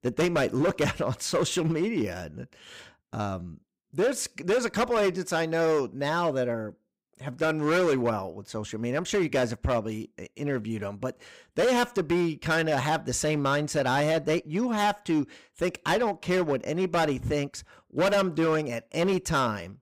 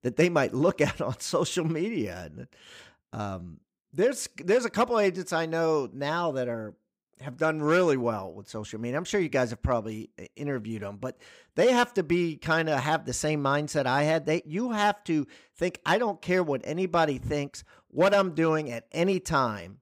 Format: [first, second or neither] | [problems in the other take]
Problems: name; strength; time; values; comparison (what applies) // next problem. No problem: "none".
second | distortion; slight; 9% of the sound clipped